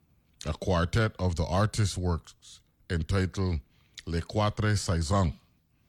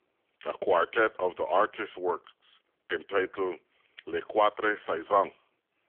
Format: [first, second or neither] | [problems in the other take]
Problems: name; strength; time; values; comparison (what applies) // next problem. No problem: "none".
first | phone-call audio; poor line; nothing above 3 kHz